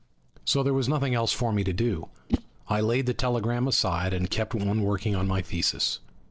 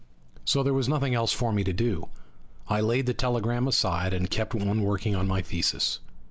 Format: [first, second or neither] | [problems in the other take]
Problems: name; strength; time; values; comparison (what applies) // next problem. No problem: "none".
second | noise reduction (neural separator model SepFormer DNS4)